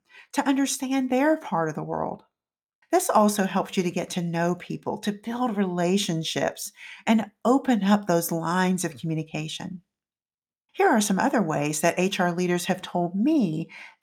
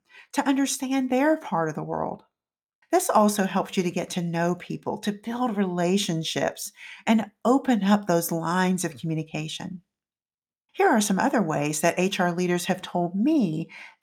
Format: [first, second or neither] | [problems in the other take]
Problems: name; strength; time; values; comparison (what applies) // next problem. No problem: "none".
neither | none